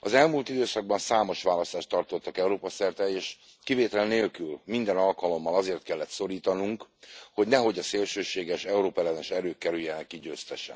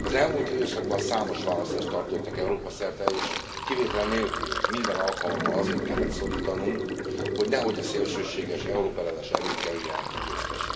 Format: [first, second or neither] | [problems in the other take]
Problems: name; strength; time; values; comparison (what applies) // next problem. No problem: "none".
first | background sound (Sink (filling or washing)); 1 dB below the speech // room echo; dies away in 2.3 s